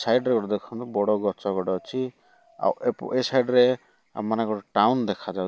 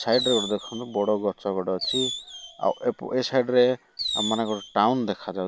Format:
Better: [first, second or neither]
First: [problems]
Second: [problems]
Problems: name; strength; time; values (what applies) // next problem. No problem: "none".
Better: first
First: none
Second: background sound (Fireworks); 8 dB below the speech